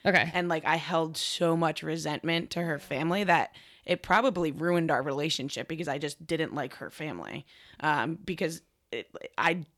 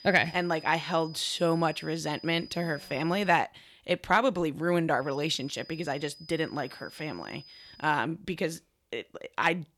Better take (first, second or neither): first